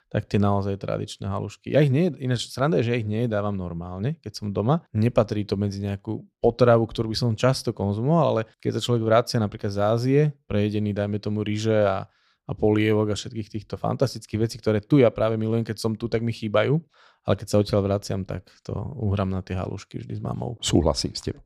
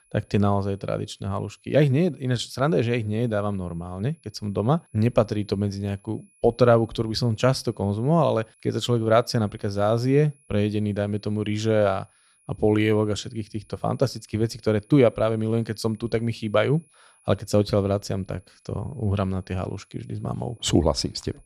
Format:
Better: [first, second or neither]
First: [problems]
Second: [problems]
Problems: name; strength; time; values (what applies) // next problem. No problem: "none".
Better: first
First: none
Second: high-pitched whine; faint; throughout; 10.5 kHz, 35 dB below the speech